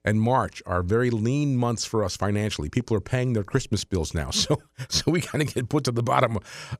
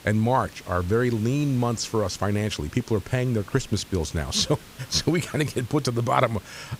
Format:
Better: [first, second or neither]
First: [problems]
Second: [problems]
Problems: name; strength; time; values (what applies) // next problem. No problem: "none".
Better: first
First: none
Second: hiss; faint; throughout; 20 dB below the speech